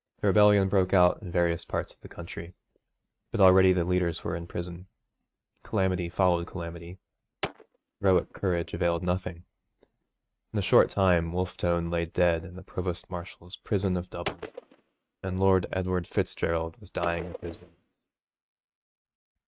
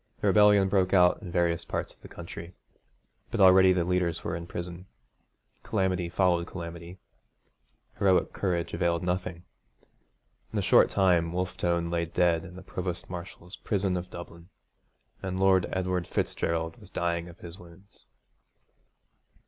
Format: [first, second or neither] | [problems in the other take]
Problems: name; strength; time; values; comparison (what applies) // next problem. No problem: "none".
second | noise reduction (neural mask model RNNoise)